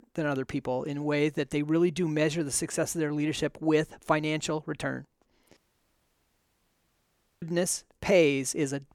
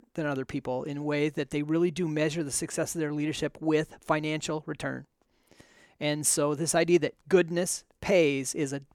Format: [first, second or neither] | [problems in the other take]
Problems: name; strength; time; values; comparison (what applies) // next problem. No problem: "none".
second | audio cutting out; at 5.5 s for 2 s